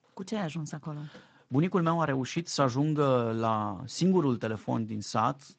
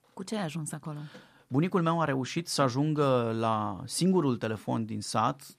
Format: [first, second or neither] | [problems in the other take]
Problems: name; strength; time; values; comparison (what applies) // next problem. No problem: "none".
second | garbled, watery; slightly; nothing above 7.5 kHz